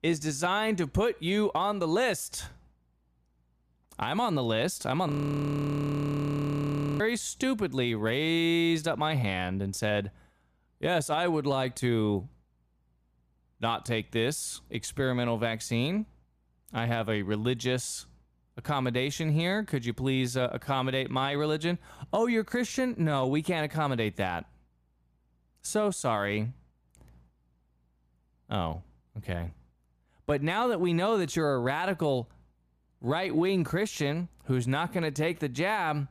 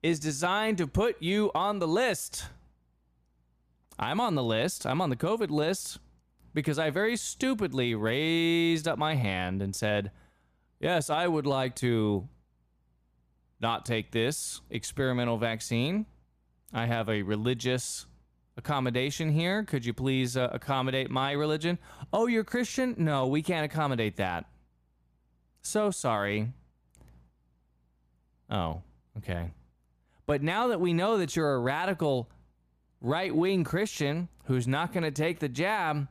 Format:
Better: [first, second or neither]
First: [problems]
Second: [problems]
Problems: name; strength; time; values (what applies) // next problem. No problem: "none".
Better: second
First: audio freezing; at 5 s for 2 s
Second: none